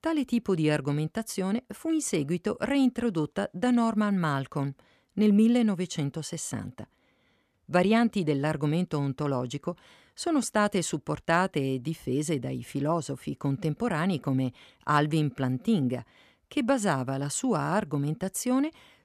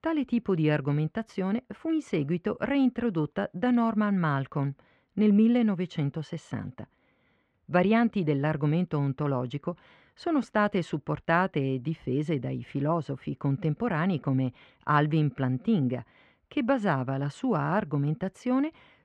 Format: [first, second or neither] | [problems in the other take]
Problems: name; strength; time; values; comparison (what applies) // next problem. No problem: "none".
first | muffled; very; fading above 2.5 kHz